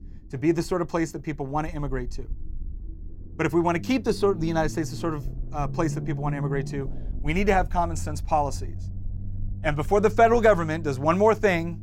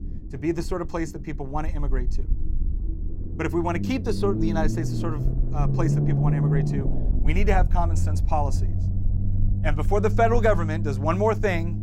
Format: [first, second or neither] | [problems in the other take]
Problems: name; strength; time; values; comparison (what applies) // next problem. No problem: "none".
first | low rumble; loud; throughout; 10 dB below the speech; faint in the first